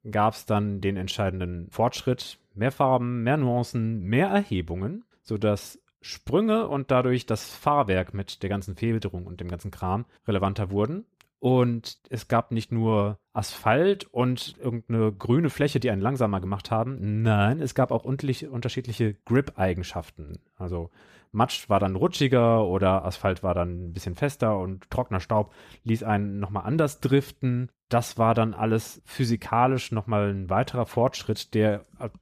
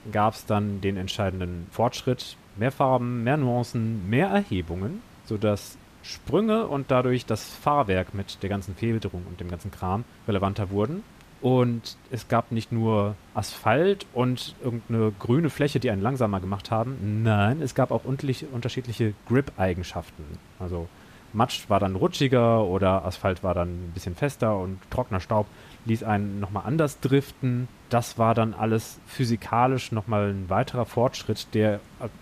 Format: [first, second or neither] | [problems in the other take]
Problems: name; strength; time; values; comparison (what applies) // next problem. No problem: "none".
first | hiss; faint; throughout; 25 dB below the speech